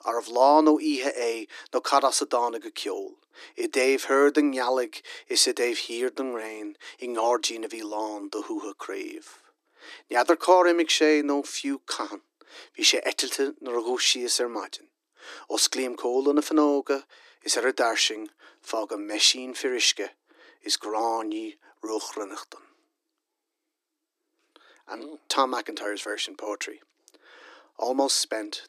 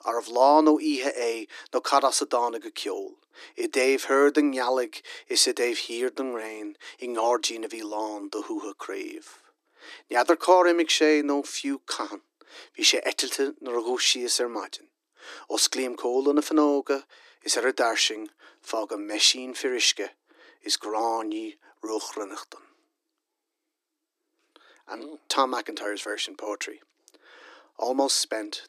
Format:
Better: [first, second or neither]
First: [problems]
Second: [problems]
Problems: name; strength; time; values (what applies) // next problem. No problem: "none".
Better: neither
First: thin; very; fading below 300 Hz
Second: thin; very; fading below 300 Hz